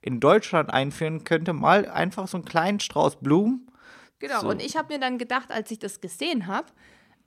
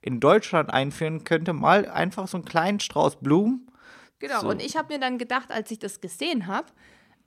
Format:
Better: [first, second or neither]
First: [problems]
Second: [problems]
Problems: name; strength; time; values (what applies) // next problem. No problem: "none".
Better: neither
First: none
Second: none